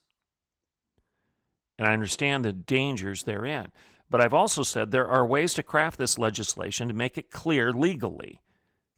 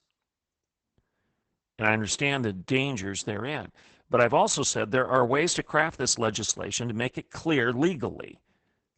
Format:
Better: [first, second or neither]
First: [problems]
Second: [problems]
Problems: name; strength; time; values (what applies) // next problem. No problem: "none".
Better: first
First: garbled, watery; slightly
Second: garbled, watery; badly; nothing above 8 kHz